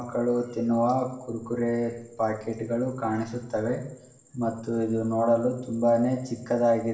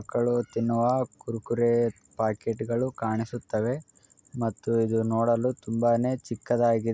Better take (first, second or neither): second